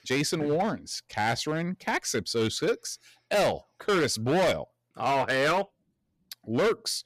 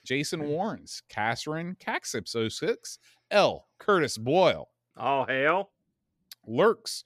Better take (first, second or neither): second